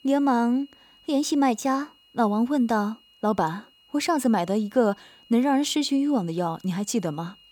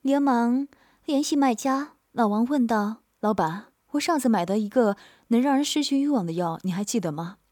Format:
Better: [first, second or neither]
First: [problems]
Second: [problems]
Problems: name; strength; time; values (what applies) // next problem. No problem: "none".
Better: second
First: high-pitched whine; faint; throughout; 3 kHz, 30 dB below the speech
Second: none